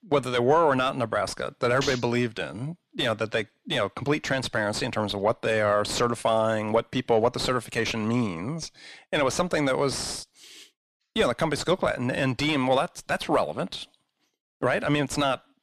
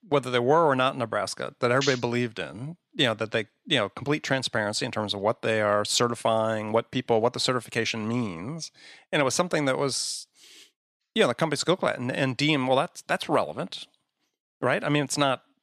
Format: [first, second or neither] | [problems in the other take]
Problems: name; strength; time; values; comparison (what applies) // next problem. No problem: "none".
second | distortion; slight; 10 dB below the speech